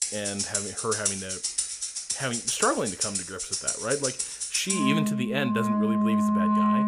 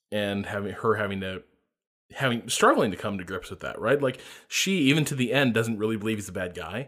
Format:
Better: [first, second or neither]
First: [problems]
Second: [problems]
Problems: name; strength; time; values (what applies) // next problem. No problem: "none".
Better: second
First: background music; very loud; throughout; 4 dB above the speech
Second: none